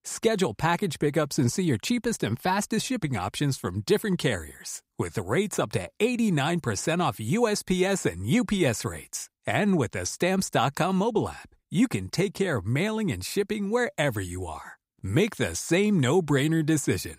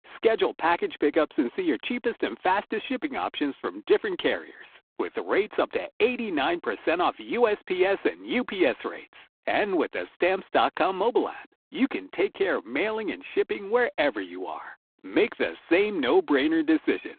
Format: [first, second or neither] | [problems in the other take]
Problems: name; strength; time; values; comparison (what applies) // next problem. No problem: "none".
first | phone-call audio; poor line